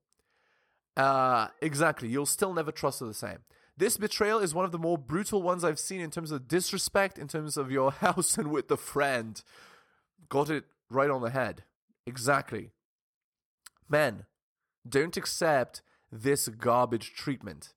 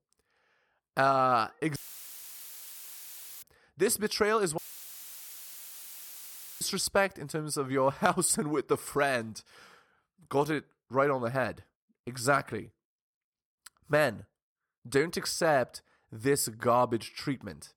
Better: first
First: none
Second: audio cutting out; filled with static; at 2 s for 1.5 s and at 4.5 s for 2 s

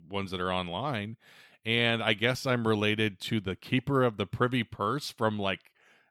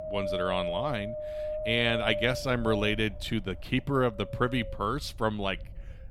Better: first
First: none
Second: wind noise on the microphone; heavy; 5 dB below the speech

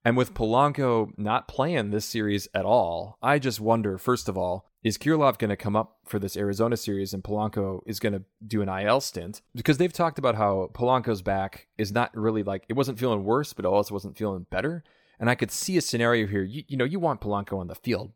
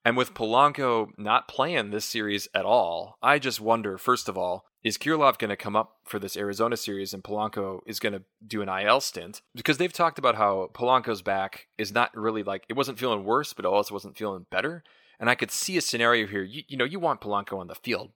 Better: first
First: none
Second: thin; somewhat; fading below 800 Hz

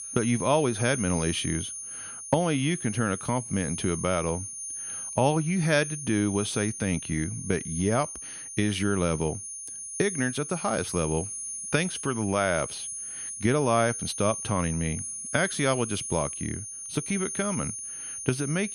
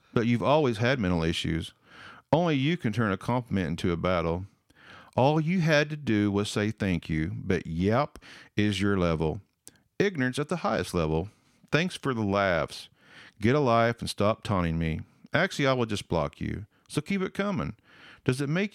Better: second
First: high-pitched whine; loud; throughout; 9.5 kHz, 6 dB below the speech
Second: none

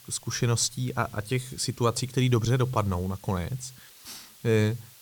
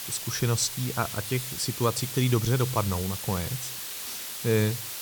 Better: first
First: hiss; faint; throughout; 20 dB below the speech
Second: hiss; loud; throughout; 5 dB below the speech

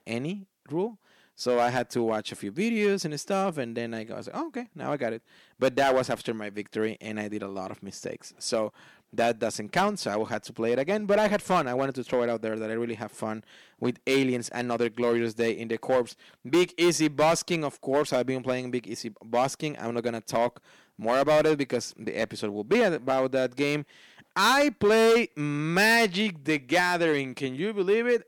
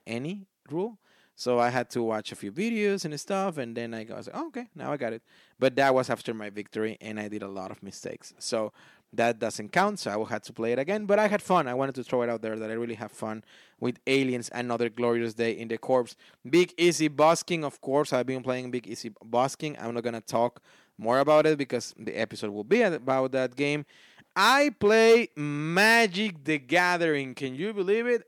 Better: second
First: distortion; slight; 4% of the sound clipped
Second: none

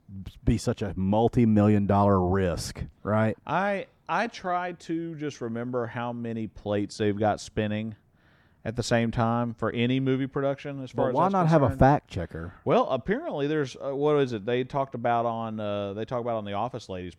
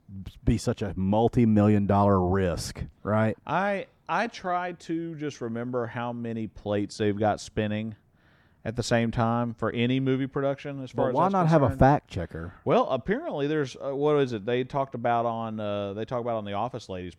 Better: neither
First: muffled; slightly; fading above 2 kHz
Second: muffled; slightly; fading above 2 kHz

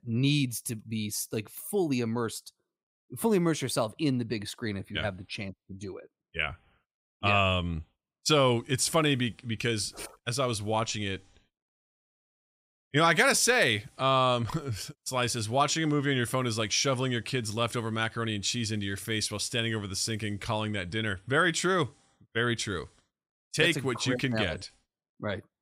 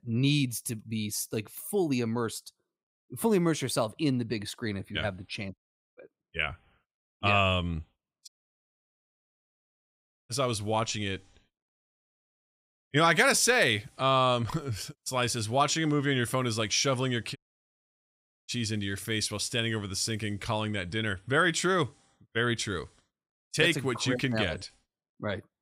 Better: first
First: none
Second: audio cutting out; at 5.5 s, at 8.5 s for 2 s and at 17 s for 1 s

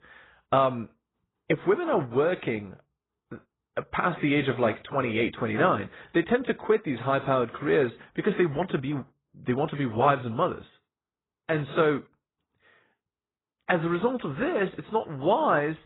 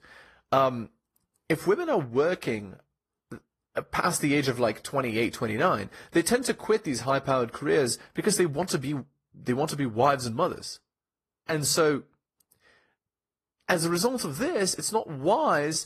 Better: second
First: garbled, watery; badly; nothing above 4 kHz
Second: garbled, watery; slightly; nothing above 14.5 kHz

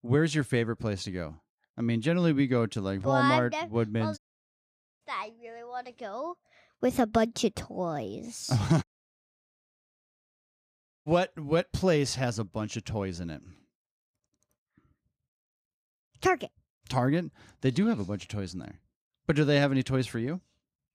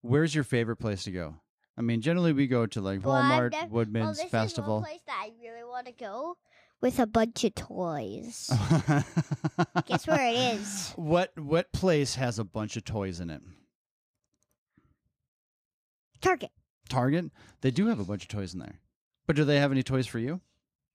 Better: second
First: audio cutting out; at 4 s for 1 s and at 9 s for 2 s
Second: none

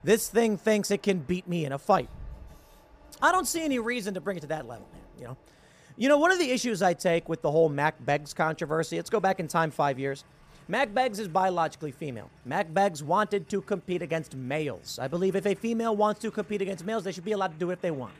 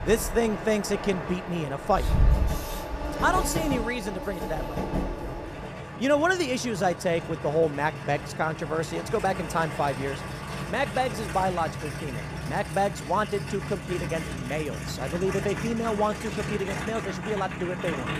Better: first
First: train or aircraft noise; faint; throughout; 30 dB below the speech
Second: train or aircraft noise; loud; throughout; 5 dB below the speech

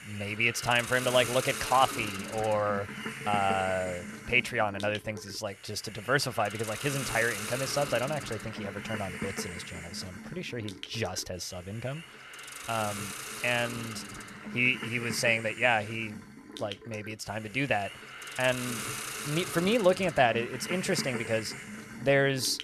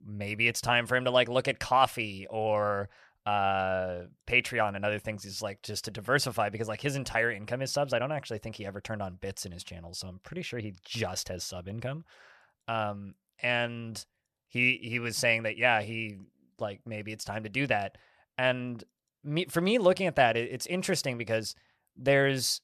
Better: second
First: hiss; loud; throughout; 9 dB below the speech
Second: none

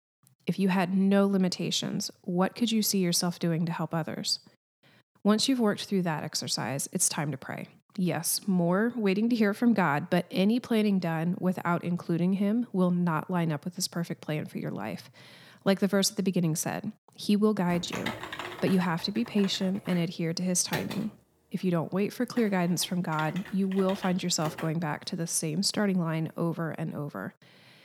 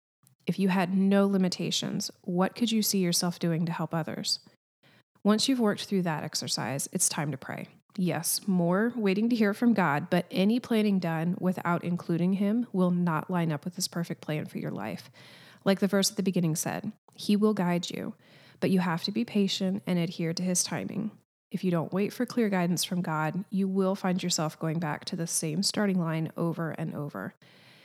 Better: second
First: keyboard typing; noticeable; from 18 to 25 s; peak 7 dB below the speech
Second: none

